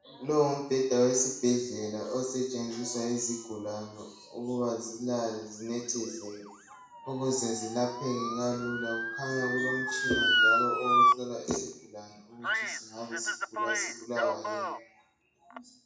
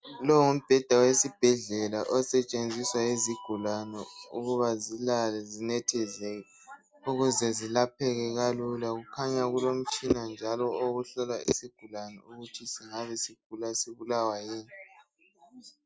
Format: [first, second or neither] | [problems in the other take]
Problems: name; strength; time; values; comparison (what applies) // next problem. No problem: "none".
second | background sound (Motor vehicle (road) / Siren); 1 dB below the speech // room echo; dies away in 0.6 s